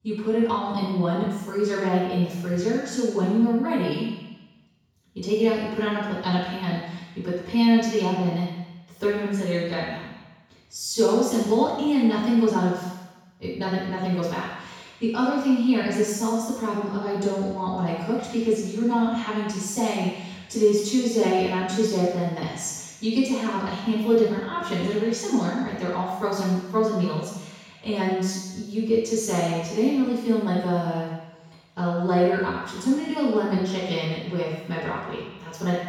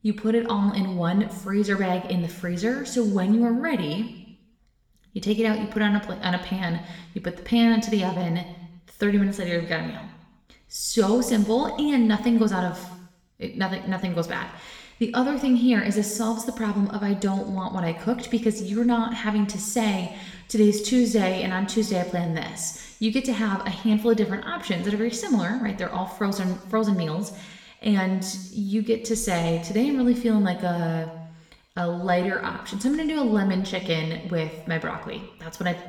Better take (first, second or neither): second